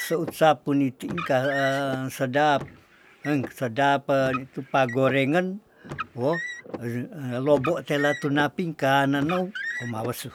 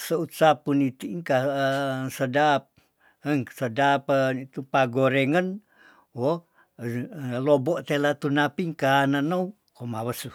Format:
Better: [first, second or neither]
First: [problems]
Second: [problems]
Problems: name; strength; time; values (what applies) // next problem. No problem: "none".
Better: second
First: background sound (Car); 13 dB below the speech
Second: none